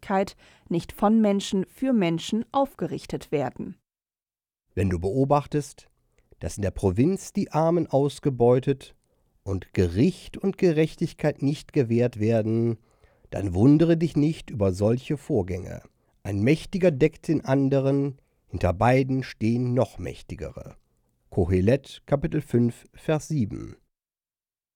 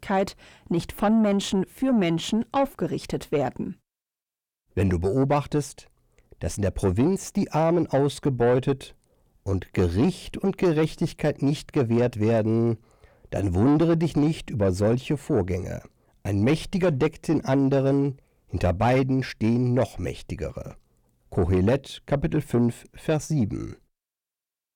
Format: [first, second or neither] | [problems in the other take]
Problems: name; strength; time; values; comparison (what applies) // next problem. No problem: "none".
first | distortion; slight; 10 dB below the speech